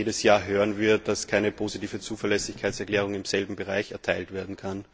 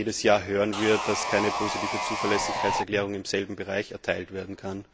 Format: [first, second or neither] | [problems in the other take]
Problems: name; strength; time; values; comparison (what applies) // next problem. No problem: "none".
first | background sound (Sawing); 1 dB below the speech